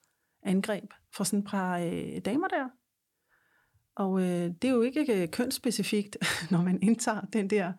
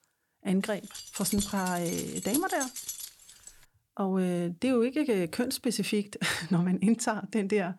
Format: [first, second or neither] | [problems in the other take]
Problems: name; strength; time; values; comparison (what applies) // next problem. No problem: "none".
first | jangling keys; noticeable; from 1 to 3.5 s; peak 3 dB below the speech